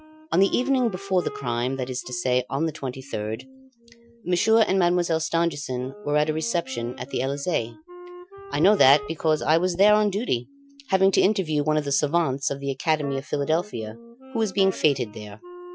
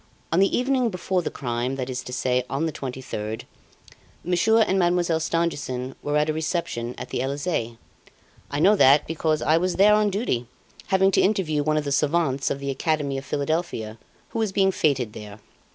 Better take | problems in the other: second | noise reduction (classical method Wiener filter)

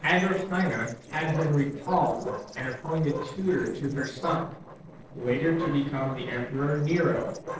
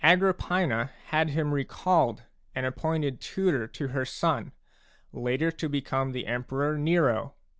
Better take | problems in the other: second | noise reduction (neural separator model SepFormer DNS4)

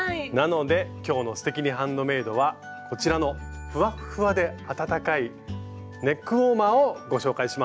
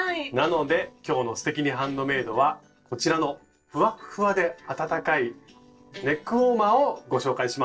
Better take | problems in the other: first | noise reduction (neural separator model SepFormer DNS4)

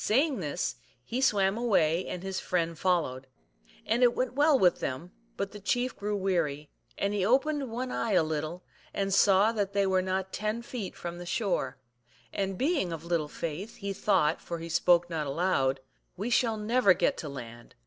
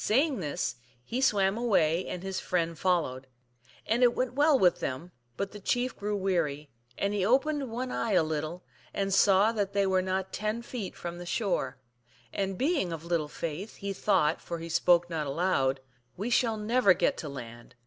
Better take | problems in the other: second | noise reduction (neural separator model SepFormer DNS4)

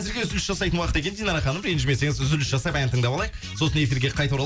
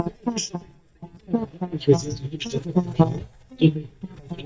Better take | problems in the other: first | noise reduction (neural mask model DeepFilterNet 3)

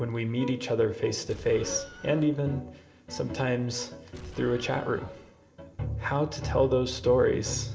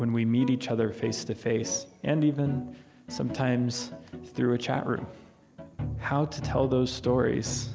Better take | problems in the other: second | background sound (Explosion); 17 dB below the speech // room echo; dies away in 0.4 s

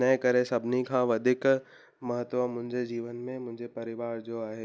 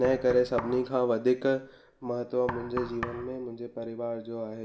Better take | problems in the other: first | background sound (Knock); 13 dB below the speech // room echo; dies away in 0.5 s

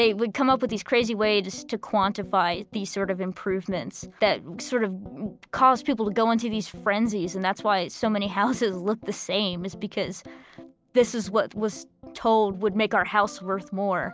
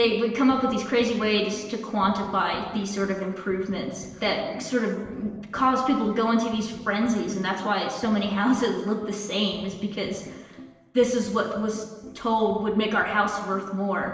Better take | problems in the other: first | room echo; dies away in 1 s

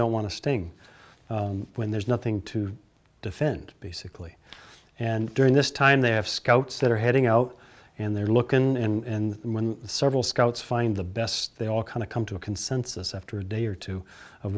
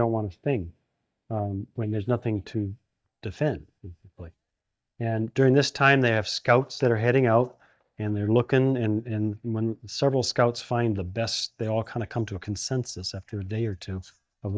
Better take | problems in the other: first | noise reduction (neural mask model DeepFilterNet 3)

